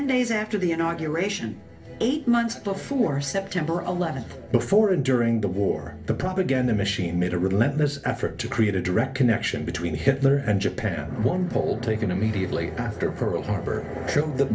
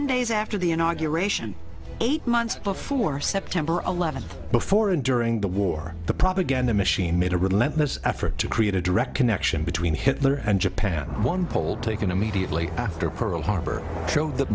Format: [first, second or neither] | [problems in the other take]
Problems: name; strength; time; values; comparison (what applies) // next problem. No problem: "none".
second | room echo; dies away in 0.3 s